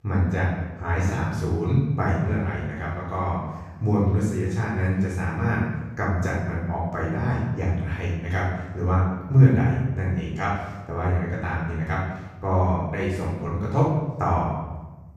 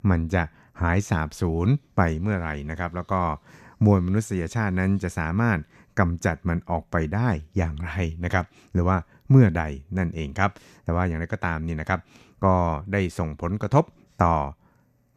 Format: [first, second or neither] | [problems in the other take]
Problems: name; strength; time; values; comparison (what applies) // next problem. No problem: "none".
second | off-mic speech; far // room echo; strong; dies away in 1 s